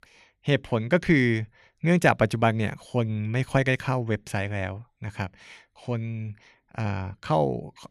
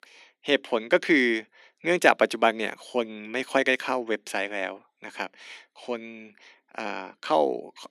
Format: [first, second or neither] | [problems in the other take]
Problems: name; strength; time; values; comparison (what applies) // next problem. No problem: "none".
first | thin; somewhat; fading below 250 Hz